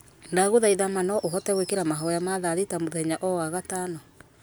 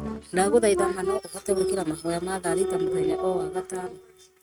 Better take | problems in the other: first | noise reduction (neural mask model RNNoise)

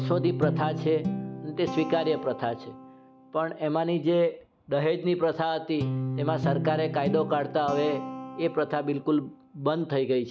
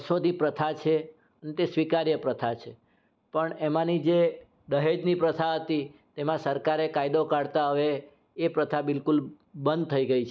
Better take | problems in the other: second | background sound (Guitar); 7 dB below the speech

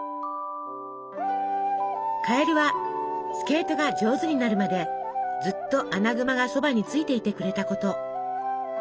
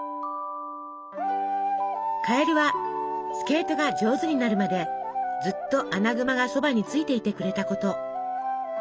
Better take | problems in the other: second | background sound (Wind instrument, woodwind instrument); 19 dB below the speech

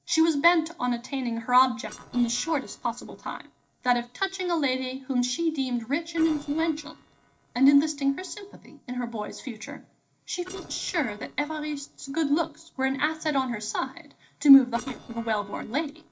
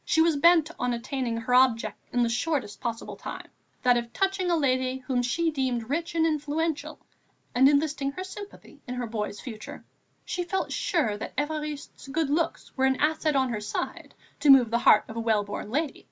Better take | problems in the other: second | noise reduction (neural separator model SepFormer DNS4)

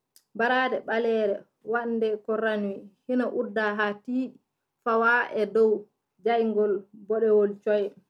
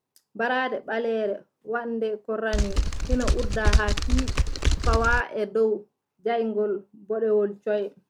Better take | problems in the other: first | background sound (Typing); 5 dB above the speech

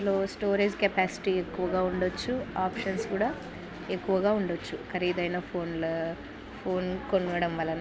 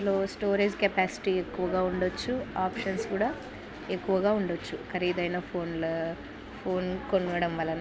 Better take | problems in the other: second | background sound (Organ); 19 dB below the speech

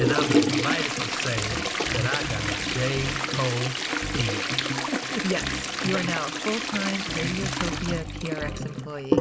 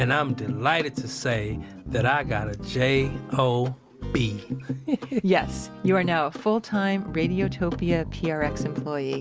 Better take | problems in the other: second | background sound (Toilet flush); 2 dB above the speech // room echo; dies away in 0.7 s

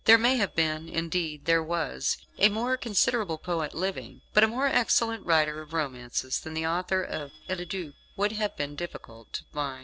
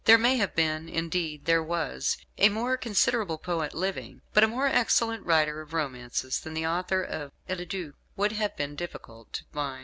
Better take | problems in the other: second | noise reduction (neural separator model SepFormer DNS4)

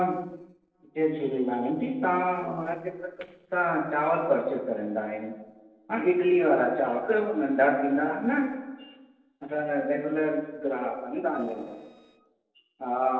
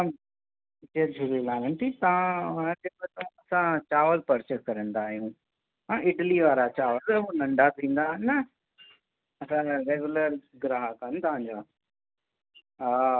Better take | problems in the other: second | noise reduction (neural separator model SepFormer DNS4)

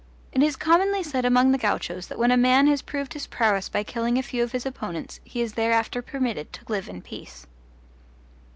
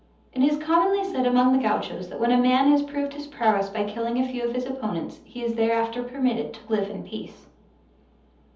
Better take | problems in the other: first | room echo; dies away in 0.7 s

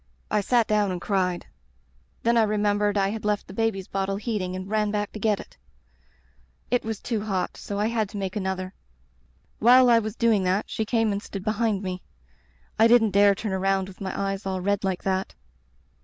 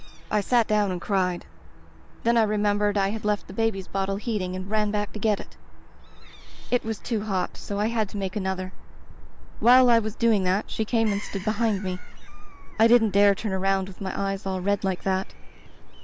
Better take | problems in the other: first | background sound (Gull, seagull / Fowl); 4 dB below the speech

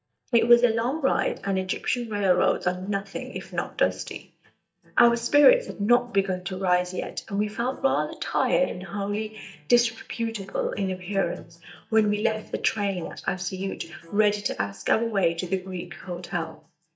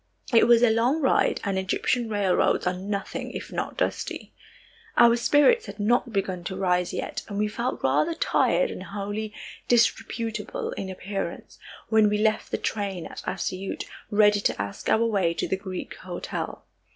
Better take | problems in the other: second | noise reduction (neural mask model DeepFilterNet 3)

